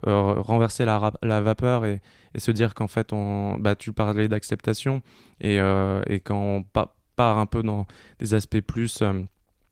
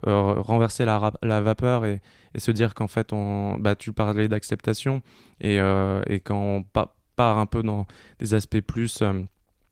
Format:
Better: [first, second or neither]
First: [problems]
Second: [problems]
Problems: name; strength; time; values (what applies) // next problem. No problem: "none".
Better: neither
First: garbled, watery; slightly; nothing above 16 kHz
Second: garbled, watery; slightly; nothing above 16 kHz